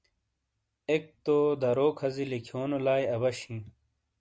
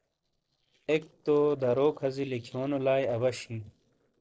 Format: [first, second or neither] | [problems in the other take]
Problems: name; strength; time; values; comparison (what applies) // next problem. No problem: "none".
first | noise reduction (neural separator model SepFormer DNS4)